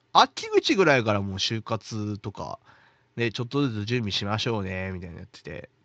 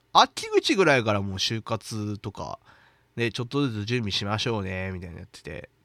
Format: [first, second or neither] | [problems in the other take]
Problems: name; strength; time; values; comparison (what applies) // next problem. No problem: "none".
second | garbled, watery; slightly